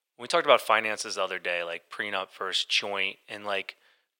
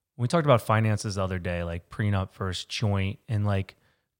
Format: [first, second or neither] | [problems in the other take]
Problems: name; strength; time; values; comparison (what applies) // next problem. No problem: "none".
second | thin; very; fading below 400 Hz